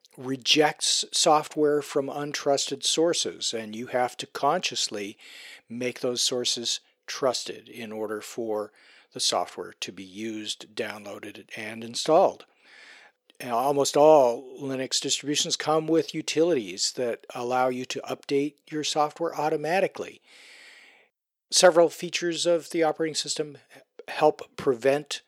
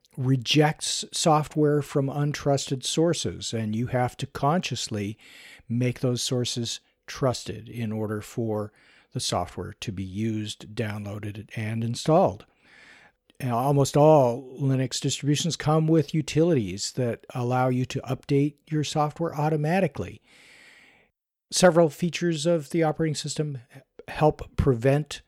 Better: second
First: thin; somewhat; fading below 400 Hz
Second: none

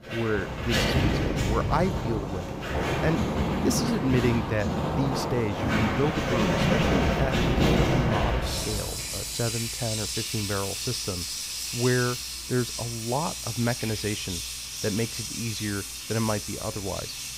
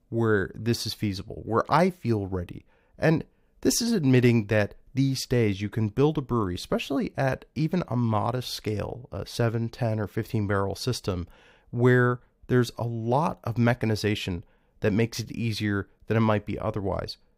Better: second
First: household noises; very loud; throughout; 2 dB above the speech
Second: none

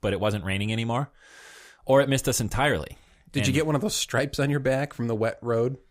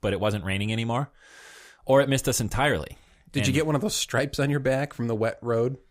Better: neither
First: none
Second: none

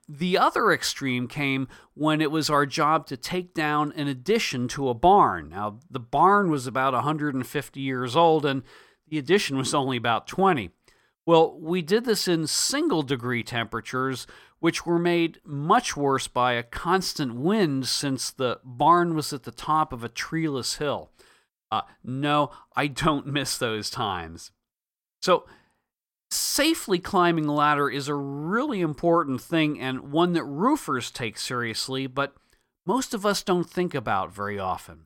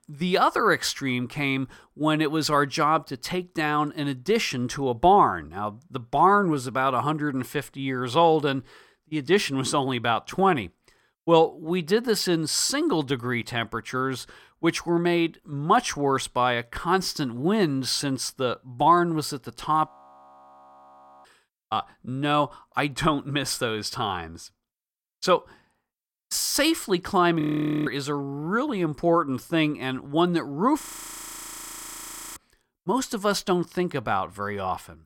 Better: first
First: none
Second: audio freezing; at 20 s for 1.5 s, at 27 s and at 31 s for 1.5 s

